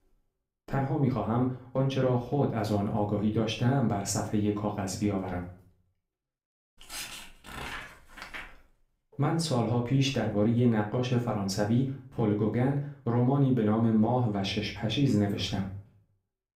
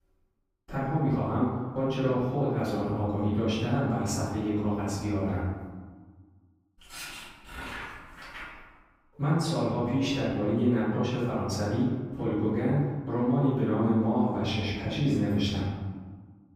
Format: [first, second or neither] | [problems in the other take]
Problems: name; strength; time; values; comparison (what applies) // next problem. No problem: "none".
first | room echo; strong; dies away in 1.3 s; slight in the first // off-mic speech; far; far in the first